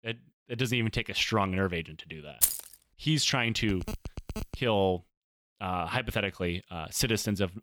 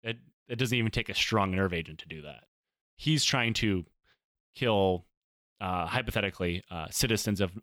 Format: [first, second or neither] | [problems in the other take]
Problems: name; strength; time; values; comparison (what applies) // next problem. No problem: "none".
second | jangling keys; loud; at 2.5 s; peak 4 dB above the speech // phone ringing; faint; at 3.5 s; peak 10 dB below the speech